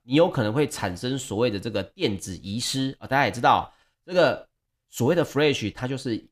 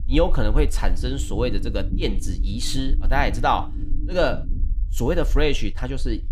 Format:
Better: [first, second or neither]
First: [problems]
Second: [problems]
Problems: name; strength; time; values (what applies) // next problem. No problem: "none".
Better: first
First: none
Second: low rumble; noticeable; throughout; 20 dB below the speech